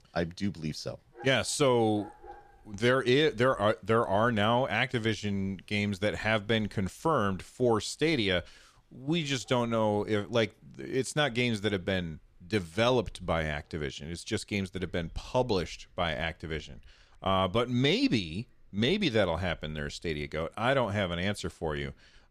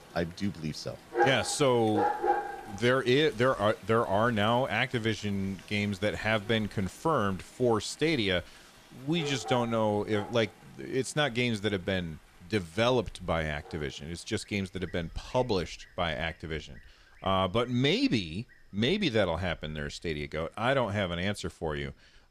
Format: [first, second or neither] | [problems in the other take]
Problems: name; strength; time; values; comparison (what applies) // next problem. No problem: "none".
first | animal sounds; loud; throughout; 6 dB below the speech; faint in the first